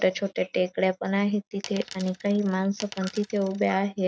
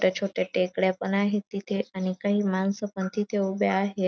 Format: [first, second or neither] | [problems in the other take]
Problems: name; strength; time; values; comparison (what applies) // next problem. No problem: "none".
second | background sound (Coin (dropping)); 18 dB below the speech